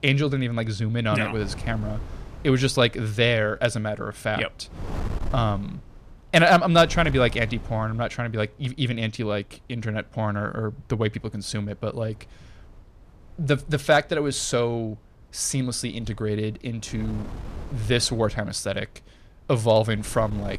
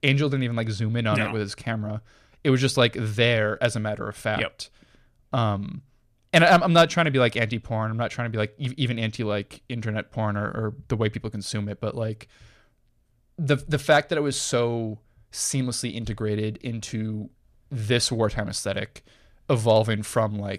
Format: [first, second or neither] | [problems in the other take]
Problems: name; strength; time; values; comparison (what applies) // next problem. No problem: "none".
second | wind noise on the microphone; occasional gusts; 20 dB below the speech